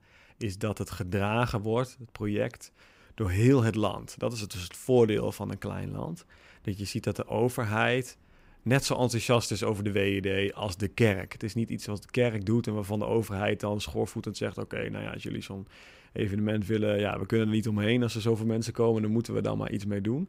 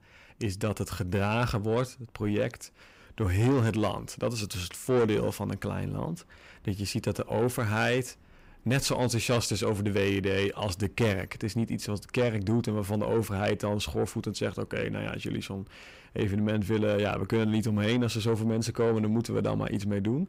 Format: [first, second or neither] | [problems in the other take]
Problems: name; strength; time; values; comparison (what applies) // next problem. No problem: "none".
first | distortion; slight; 10 dB below the speech